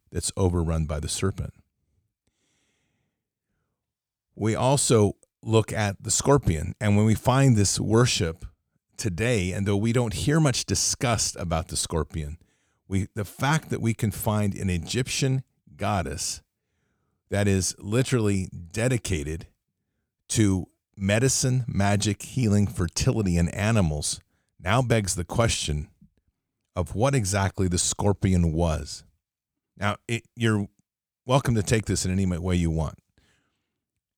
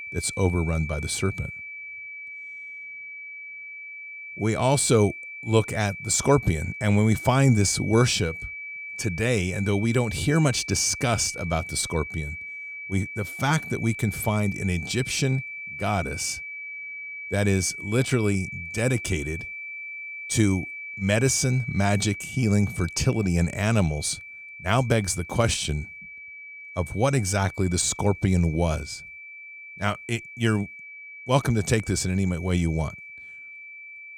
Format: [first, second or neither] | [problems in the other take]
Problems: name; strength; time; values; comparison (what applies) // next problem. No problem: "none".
first | high-pitched whine; noticeable; throughout; 2.5 kHz, 10 dB below the speech